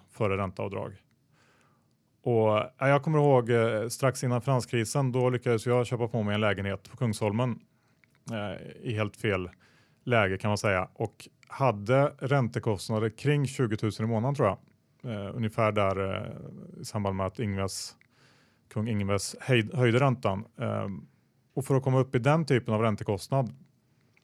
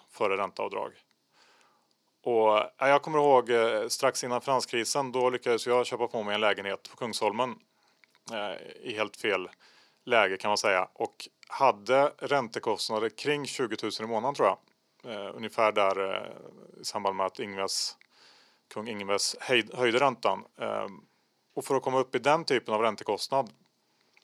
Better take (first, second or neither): first